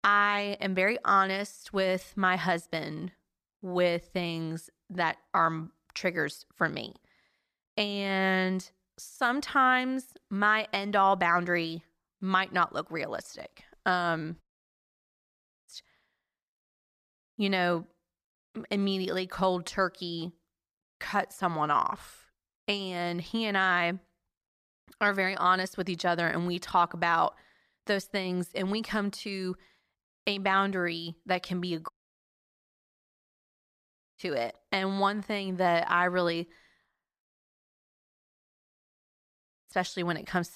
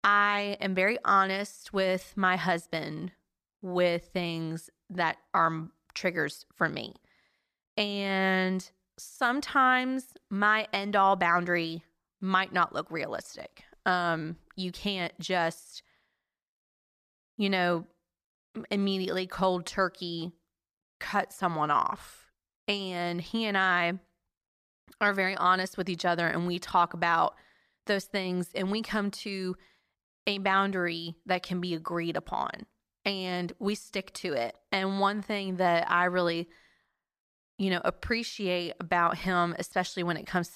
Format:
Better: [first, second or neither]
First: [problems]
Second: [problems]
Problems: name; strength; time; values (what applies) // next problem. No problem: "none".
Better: second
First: audio cutting out; at 14 s for 1.5 s, at 32 s for 2.5 s and at 37 s for 2.5 s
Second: none